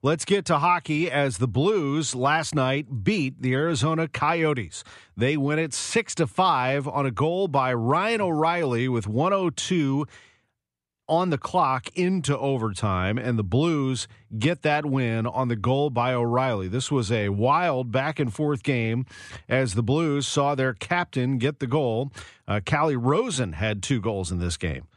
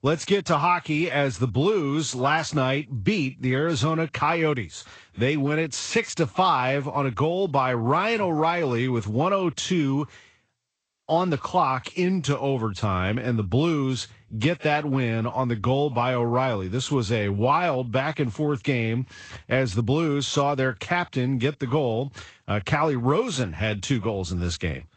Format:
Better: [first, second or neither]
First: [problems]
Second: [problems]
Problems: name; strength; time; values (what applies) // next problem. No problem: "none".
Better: first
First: none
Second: garbled, watery; slightly; nothing above 8 kHz